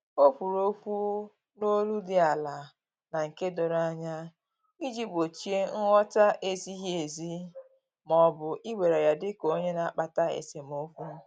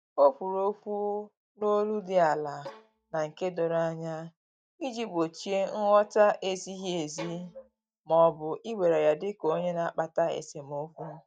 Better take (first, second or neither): first